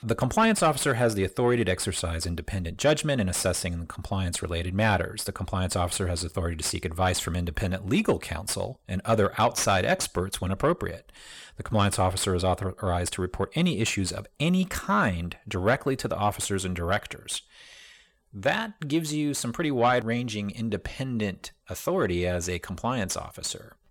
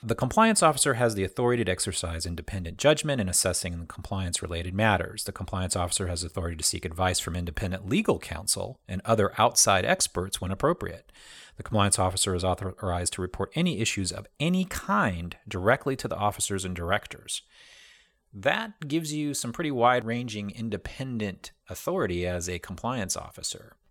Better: second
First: distortion; slight; 10 dB below the speech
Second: none

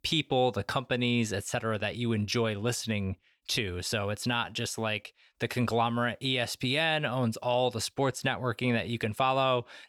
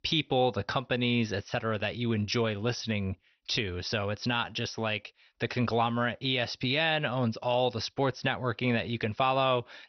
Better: first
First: none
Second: garbled, watery; slightly; nothing above 6 kHz

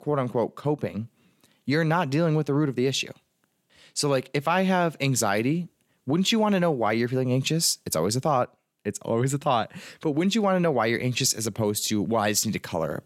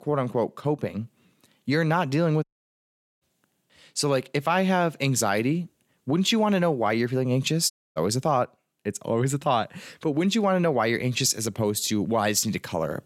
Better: first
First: none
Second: audio cutting out; at 2.5 s for 1 s and at 7.5 s

